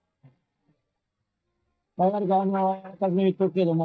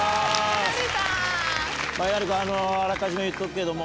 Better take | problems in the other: second | noise reduction (neural mask model DeepFilterNet 3)

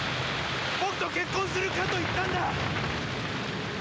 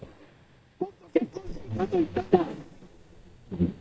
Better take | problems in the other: first | noise reduction (neural mask model DeepFilterNet 3)

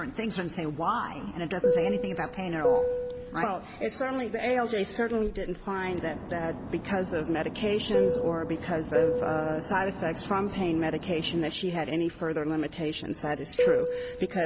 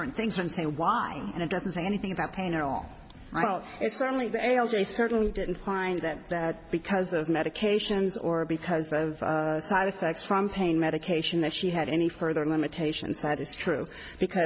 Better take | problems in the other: second | background sound (Fixed-wing aircraft, airplane); 2 dB below the speech

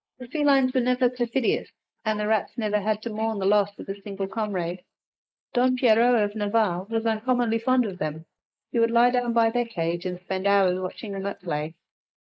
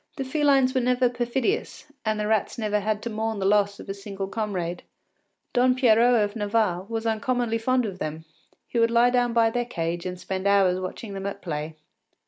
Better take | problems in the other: second | noise reduction (neural mask model Resemble Enhance denoiser)

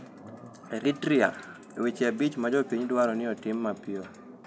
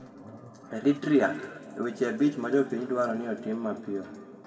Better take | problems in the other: first | room echo; dies away in 1.8 s

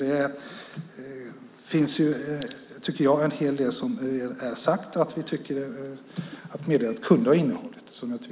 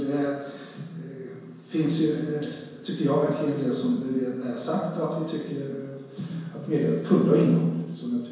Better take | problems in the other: first | room echo; dies away in 1 s

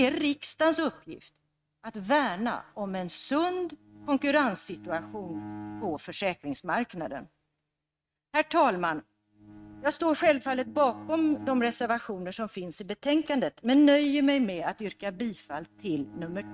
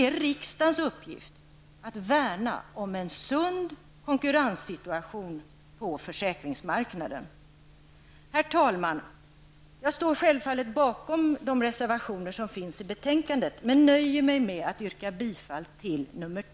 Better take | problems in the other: second | noise reduction (neural mask model RNNoise)

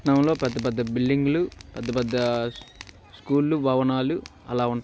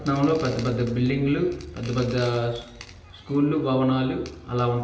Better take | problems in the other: first | room echo; dies away in 0.9 s

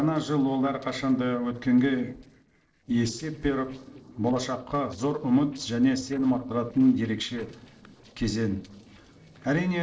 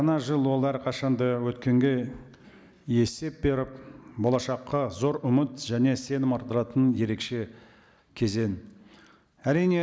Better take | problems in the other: second | noise reduction (neural separator model SepFormer DNS4)

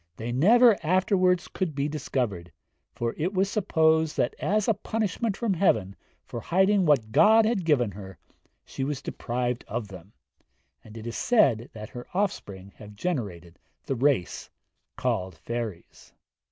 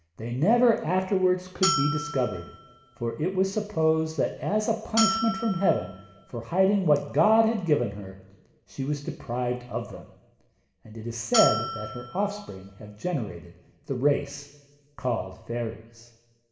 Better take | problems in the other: first | background sound (Bell); 5 dB below the speech // room echo; dies away in 1 s

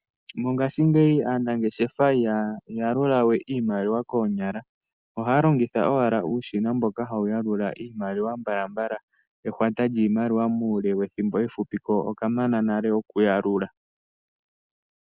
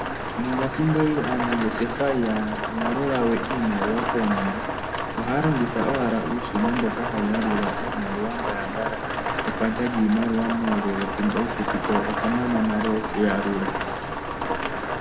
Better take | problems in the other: first | background sound (Rain); 2 dB below the speech // room echo; dies away in 0.7 s

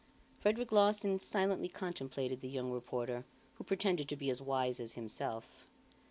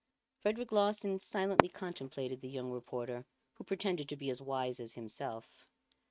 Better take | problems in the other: first | noise reduction (neural mask model RNNoise)

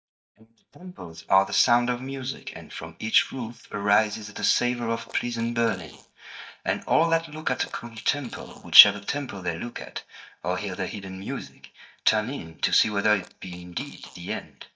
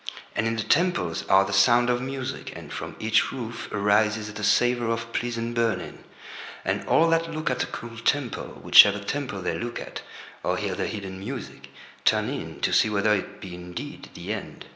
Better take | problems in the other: second | noise reduction (neural mask model DeepFilterNet 3)

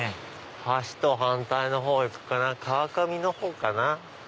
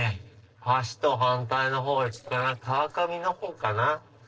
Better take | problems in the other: first | noise reduction (neural separator model SepFormer DNS4)

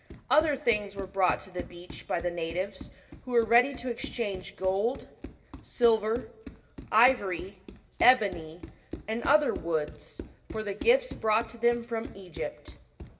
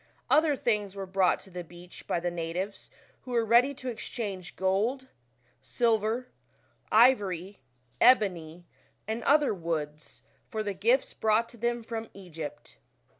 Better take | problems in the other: second | background sound (Run); 15 dB below the speech // room echo; dies away in 0.7 s

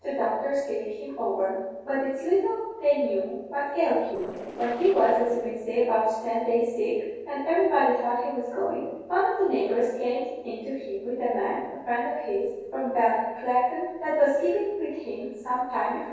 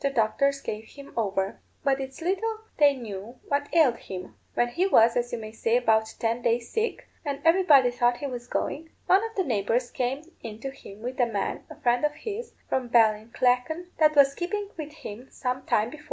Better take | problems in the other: second | noise reduction (neural separator model SepFormer DNS4)

